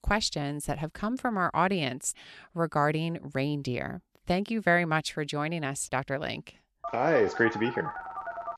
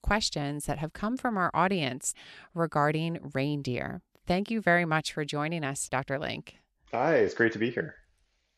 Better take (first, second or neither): second